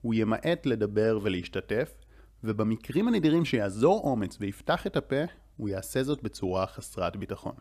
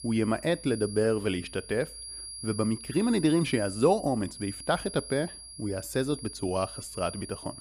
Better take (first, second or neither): first